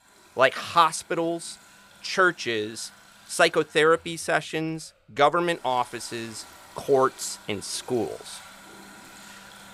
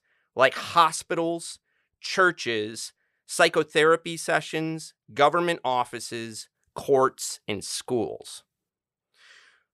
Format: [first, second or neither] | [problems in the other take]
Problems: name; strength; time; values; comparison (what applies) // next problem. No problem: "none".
second | household noises; faint; throughout; 25 dB below the speech